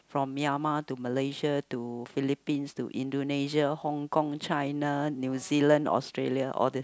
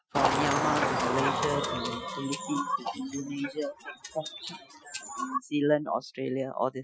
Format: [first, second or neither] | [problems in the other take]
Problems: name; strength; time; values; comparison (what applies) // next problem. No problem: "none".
first | noise reduction (classical method Wiener filter)